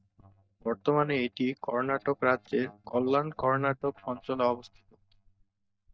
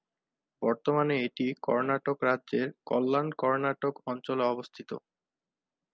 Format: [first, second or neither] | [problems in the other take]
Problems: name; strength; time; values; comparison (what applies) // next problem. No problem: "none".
second | noise reduction (neural mask model DeepFilterNet 3)